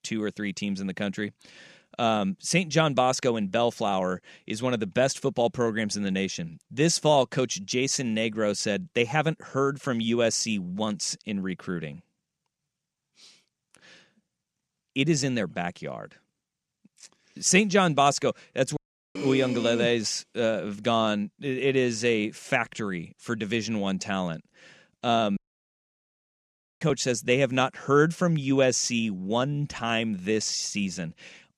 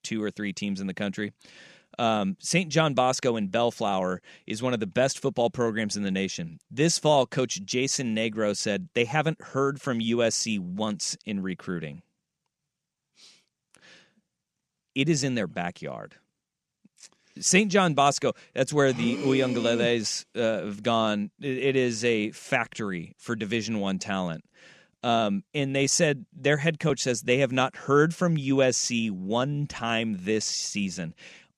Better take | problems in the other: second | audio cutting out; at 19 s and at 25 s for 1.5 s

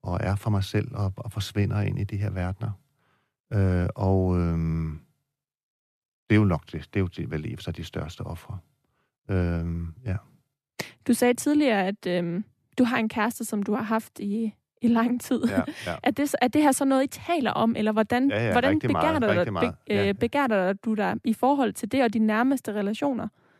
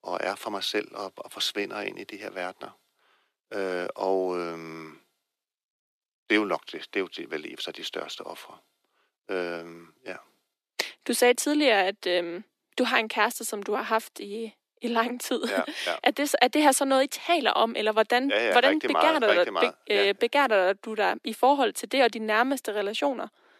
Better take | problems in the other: first | thin; somewhat; fading below 350 Hz

